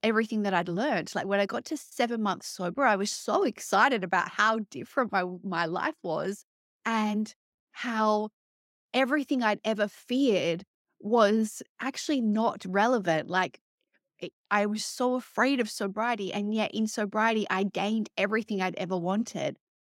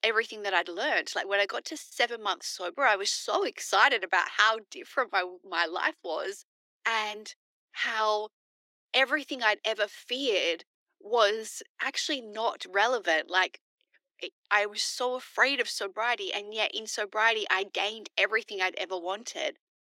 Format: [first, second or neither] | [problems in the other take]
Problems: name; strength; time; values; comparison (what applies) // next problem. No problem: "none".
first | thin; very; fading below 350 Hz